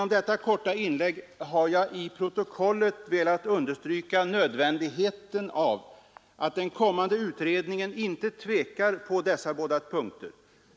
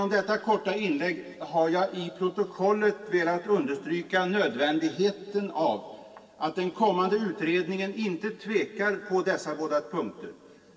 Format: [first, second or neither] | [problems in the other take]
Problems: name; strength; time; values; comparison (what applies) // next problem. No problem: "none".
first | room echo; dies away in 2.2 s